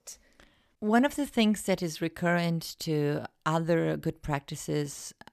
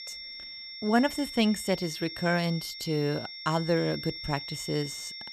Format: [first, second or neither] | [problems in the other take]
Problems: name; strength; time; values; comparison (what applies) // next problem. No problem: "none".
first | high-pitched whine; loud; throughout; 5.5 kHz, 9 dB below the speech